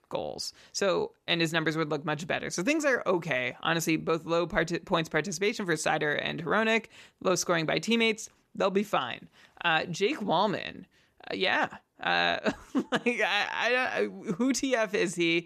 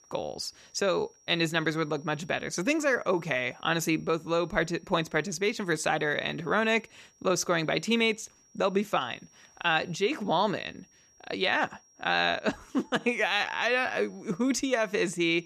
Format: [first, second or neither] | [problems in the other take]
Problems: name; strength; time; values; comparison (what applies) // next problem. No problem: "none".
first | high-pitched whine; faint; throughout; 5.5 kHz, 30 dB below the speech